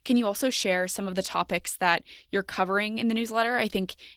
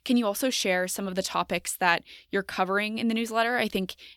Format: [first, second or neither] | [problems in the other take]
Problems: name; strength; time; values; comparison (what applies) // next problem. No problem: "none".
second | garbled, watery; slightly